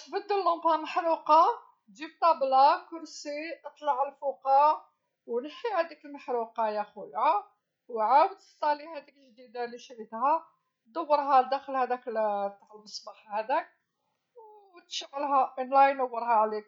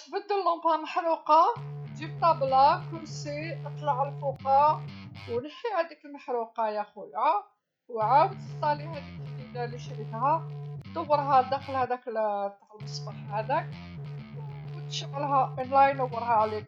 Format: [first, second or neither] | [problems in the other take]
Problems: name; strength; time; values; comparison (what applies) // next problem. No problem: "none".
first | background sound (Guitar); 11 dB below the speech